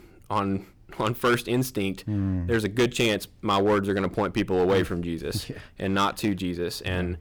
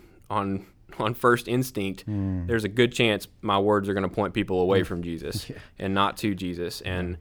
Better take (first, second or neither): second